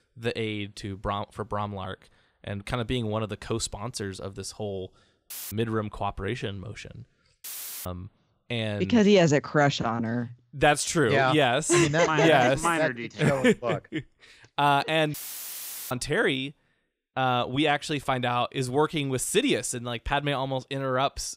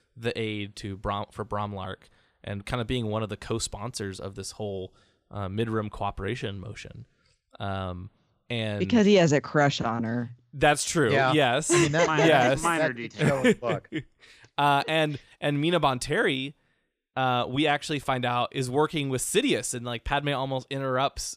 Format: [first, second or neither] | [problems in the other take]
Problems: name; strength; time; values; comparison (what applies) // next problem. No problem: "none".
second | audio cutting out; filled with static; at 5.5 s, at 7.5 s and at 15 s for 1 s